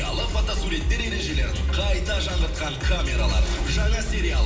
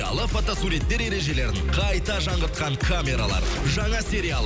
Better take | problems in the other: second | room echo; dies away in 0.9 s

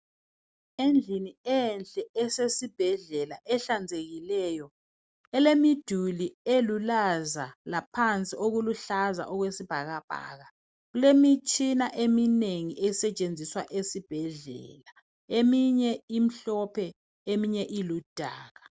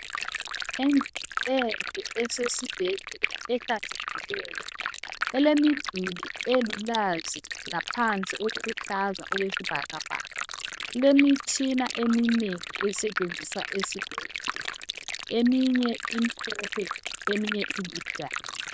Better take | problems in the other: first | noise reduction (neural diffusion model UNIVERSE++)

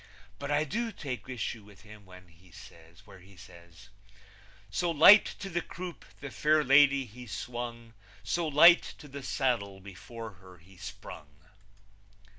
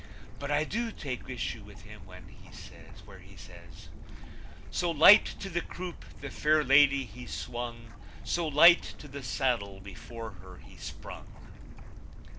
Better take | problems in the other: first | background sound (Stream / Bird); 9 dB below the speech

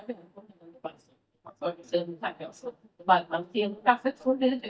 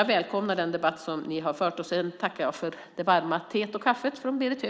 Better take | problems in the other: second | noise reduction (neural mask model DeepFilterNet 3)

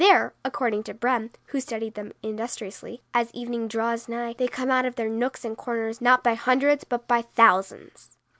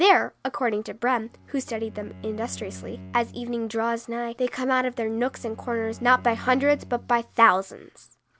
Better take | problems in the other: first | background sound (Bowed string instrument); 19 dB below the speech

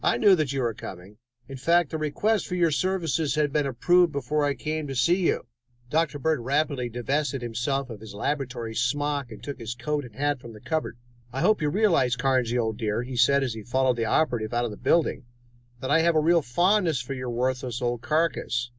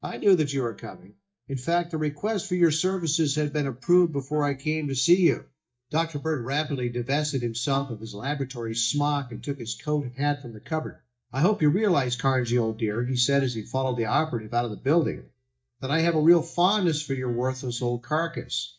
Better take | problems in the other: first | noise reduction (neural mask model DeepFilterNet 3)

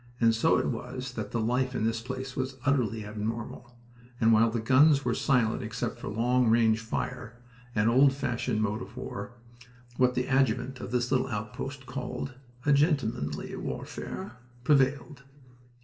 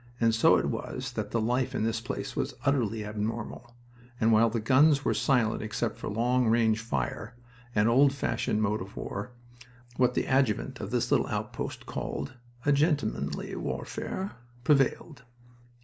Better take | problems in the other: second | room echo; dies away in 0.8 s

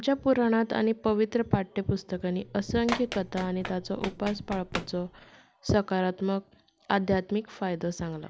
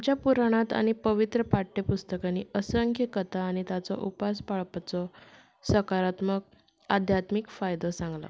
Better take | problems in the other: second | background sound (Run); 11 dB below the speech

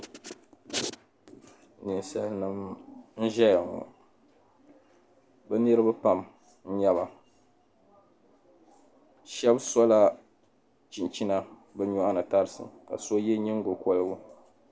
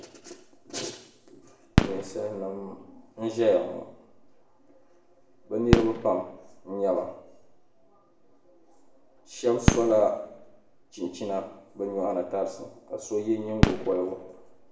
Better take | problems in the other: first | background sound (Fireworks); 2 dB below the speech // room echo; dies away in 0.7 s

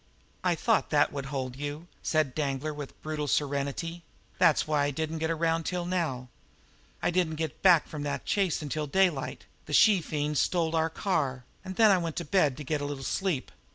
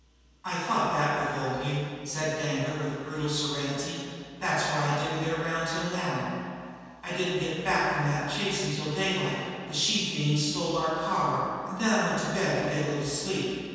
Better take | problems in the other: first | room echo; dies away in 2.1 s

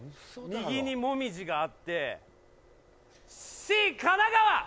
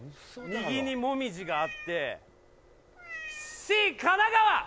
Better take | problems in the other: first | background sound (Meow); 14 dB below the speech

